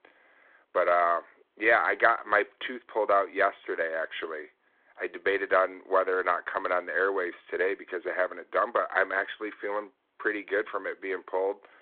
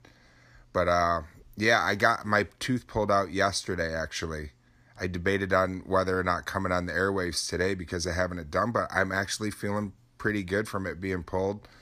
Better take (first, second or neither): second